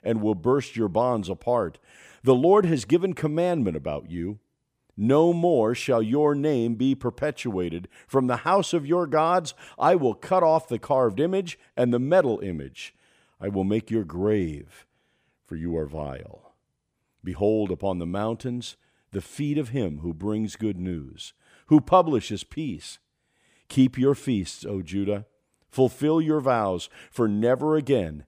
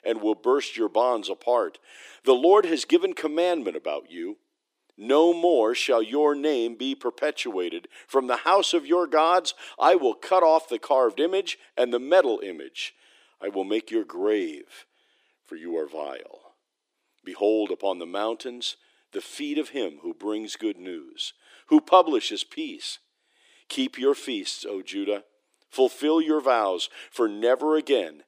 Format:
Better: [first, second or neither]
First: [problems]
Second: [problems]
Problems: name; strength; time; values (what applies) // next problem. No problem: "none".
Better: first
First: none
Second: thin; somewhat; fading below 300 Hz